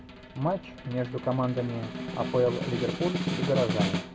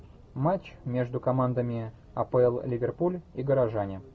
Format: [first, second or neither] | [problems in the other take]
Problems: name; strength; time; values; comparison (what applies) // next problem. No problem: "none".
second | background sound (Snare drum); 3 dB below the speech